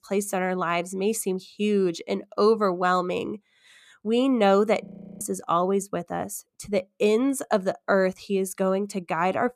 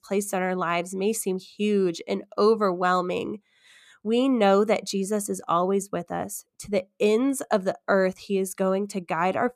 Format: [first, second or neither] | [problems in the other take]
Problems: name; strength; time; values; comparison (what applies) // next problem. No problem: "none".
second | audio freezing; at 5 s